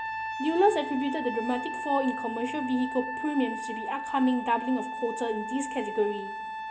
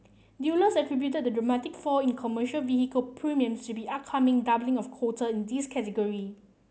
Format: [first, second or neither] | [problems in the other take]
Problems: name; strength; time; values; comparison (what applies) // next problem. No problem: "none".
second | background sound (Trumpet); 6 dB below the speech // room echo; dies away in 0.7 s